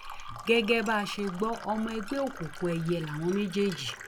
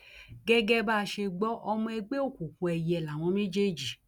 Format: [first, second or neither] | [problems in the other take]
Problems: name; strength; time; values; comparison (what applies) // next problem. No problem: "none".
second | background sound (Chink, clink + Fill (with liquid)); 12 dB below the speech